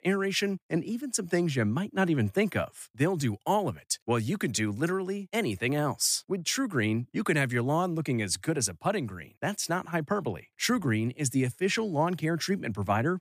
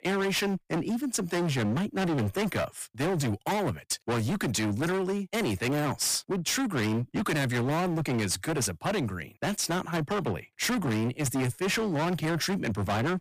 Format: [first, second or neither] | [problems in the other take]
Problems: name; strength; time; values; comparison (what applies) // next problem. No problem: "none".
first | distortion; heavy; 32% of the sound clipped